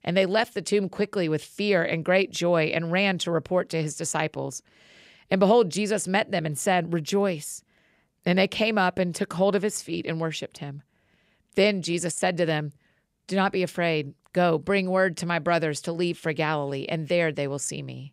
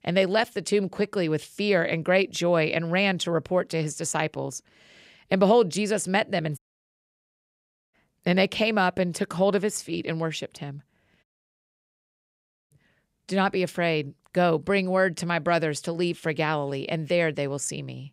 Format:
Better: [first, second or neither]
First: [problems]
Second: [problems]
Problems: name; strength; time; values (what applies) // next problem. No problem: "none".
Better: first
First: none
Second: audio cutting out; at 6.5 s for 1.5 s and at 11 s for 1.5 s